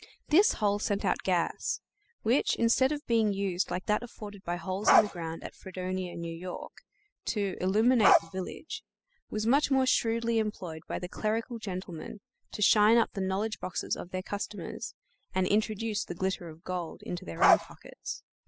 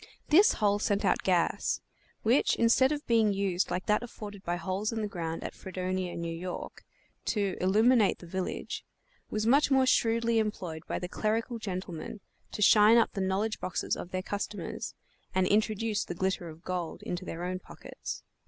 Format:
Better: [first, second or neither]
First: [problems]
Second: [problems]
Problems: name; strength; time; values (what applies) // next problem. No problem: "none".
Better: second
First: noise reduction (classical method spectral subtraction)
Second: none